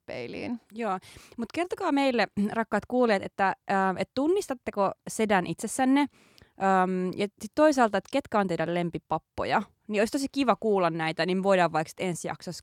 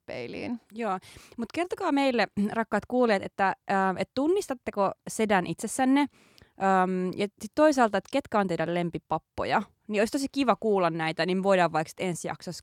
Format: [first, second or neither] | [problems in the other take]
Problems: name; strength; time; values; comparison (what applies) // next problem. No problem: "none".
neither | none